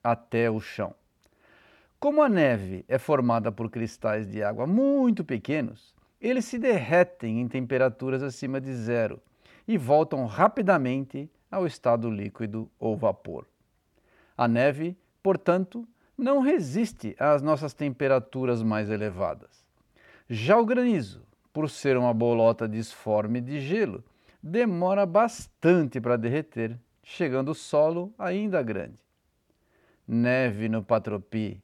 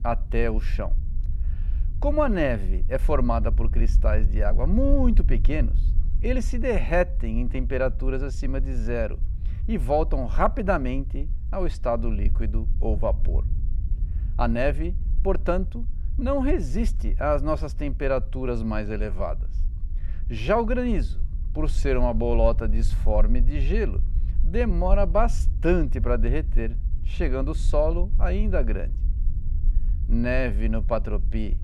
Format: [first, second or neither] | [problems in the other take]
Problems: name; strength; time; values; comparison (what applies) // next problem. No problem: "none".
first | low rumble; faint; throughout; 20 dB below the speech